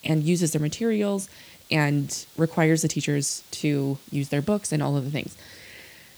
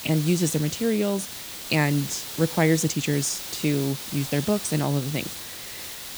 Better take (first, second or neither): first